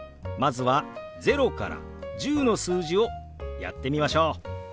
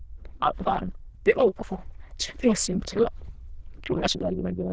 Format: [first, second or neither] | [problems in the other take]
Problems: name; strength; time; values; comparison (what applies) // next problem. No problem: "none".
first | noise reduction (neural diffusion model UNIVERSE++)